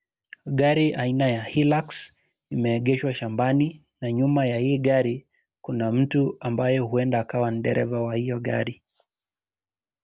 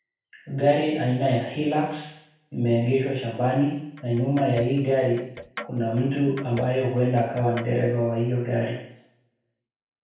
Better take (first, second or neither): first